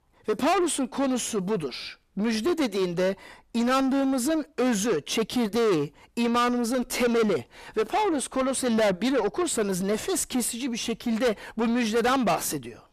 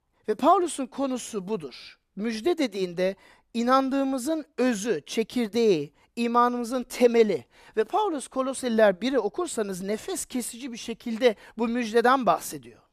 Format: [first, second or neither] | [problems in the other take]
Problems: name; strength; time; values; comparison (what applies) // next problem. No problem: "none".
second | distortion; heavy; 6 dB below the speech